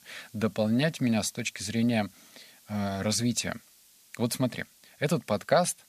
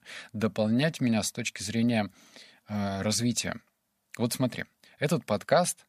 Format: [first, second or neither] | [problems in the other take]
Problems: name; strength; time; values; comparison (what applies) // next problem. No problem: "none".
second | hiss; faint; throughout; 25 dB below the speech